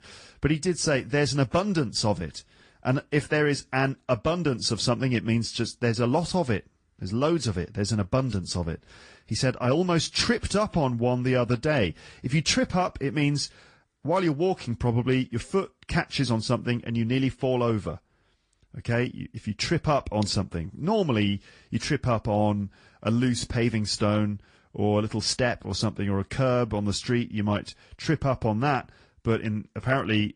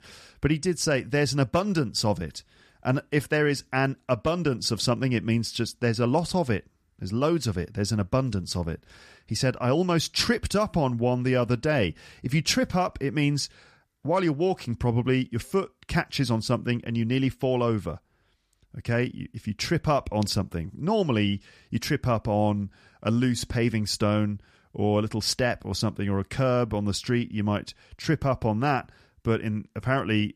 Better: second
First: garbled, watery; slightly; nothing above 9 kHz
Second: none

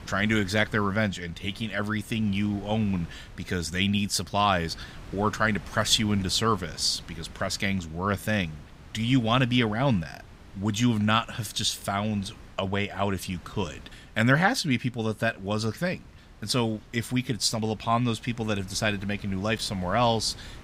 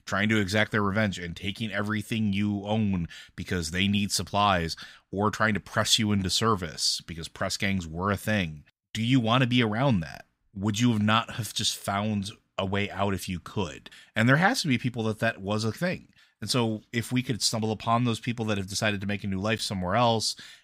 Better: second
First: wind noise on the microphone; occasional gusts; 25 dB below the speech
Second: none

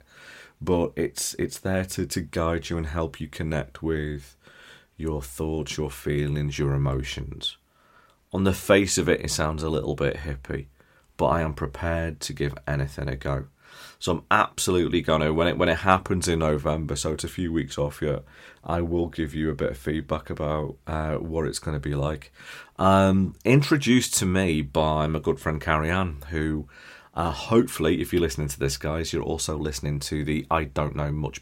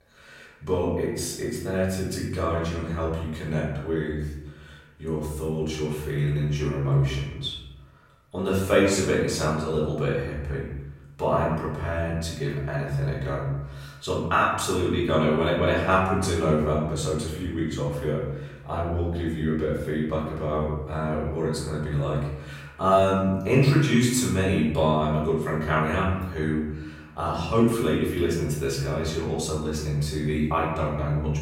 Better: first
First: none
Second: room echo; noticeable; dies away in 0.9 s // off-mic speech; far

